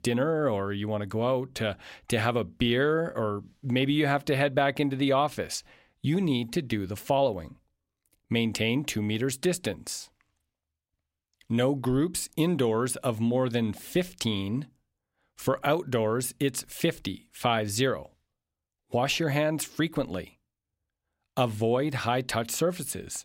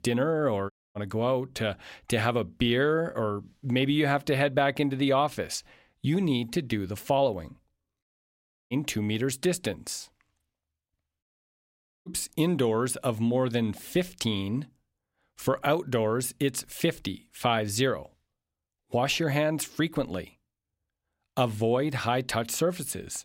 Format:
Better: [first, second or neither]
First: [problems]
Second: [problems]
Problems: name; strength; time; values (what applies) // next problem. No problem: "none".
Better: first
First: none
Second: audio cutting out; at 0.5 s, at 8 s for 0.5 s and at 11 s for 1 s